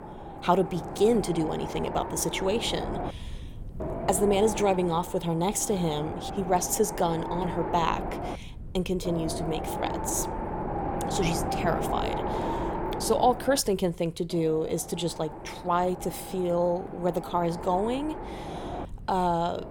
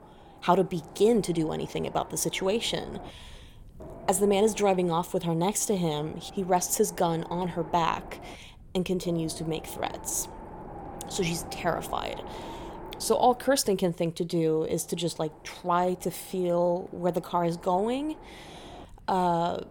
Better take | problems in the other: second | wind noise on the microphone; heavy; 6 dB below the speech; occasional gusts in the second

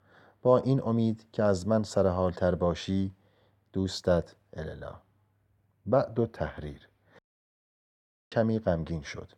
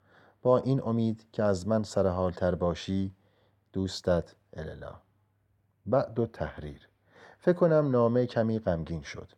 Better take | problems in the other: second | audio cutting out; at 7 s for 1 s

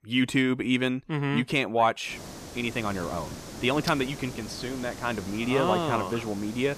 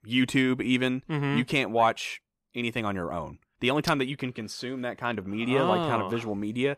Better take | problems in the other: second | hiss; noticeable; from 2 s on; 15 dB below the speech

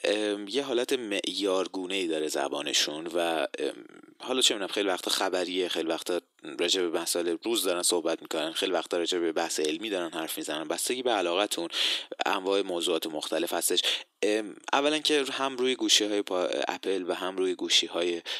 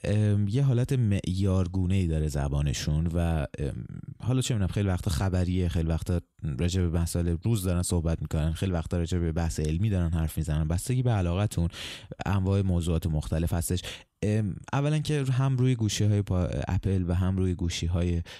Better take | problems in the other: second | thin; very; fading below 300 Hz

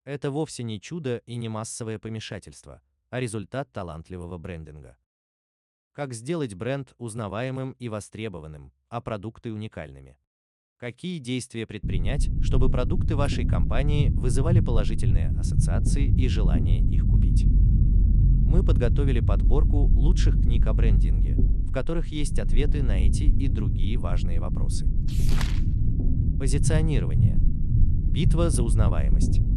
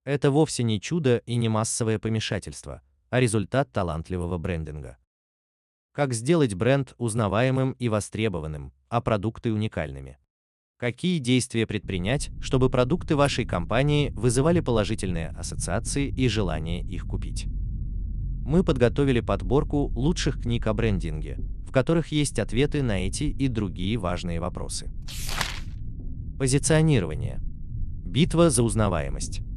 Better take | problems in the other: second | low rumble; loud; from 12 s on; 4 dB below the speech; faint in the second

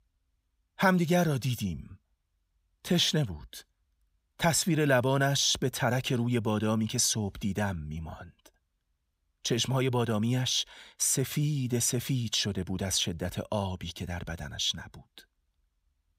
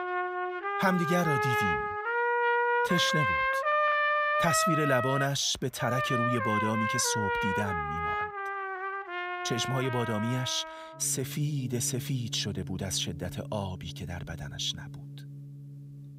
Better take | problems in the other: first | background music; very loud; throughout; 1 dB above the speech

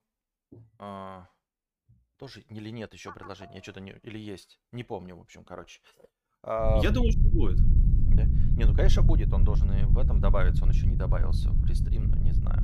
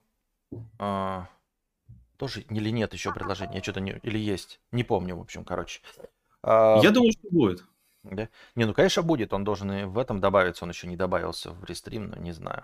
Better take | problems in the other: second | low rumble; loud; from 6.5 s on; 6 dB below the speech

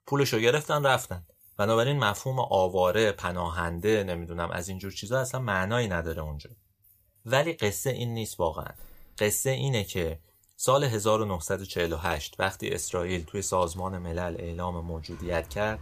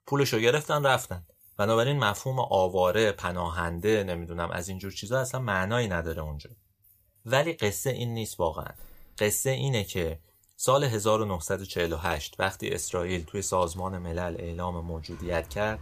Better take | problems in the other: neither | household noises; faint; throughout; 25 dB below the speech; the same in both

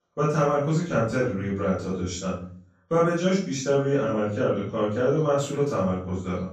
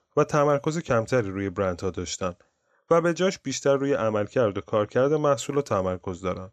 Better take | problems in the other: second | off-mic speech; far // room echo; noticeable; dies away in 0.5 s

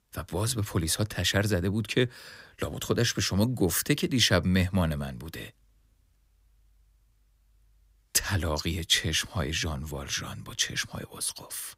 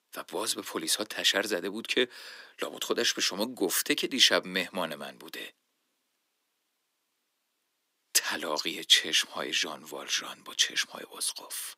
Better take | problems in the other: first | thin; somewhat; fading below 300 Hz

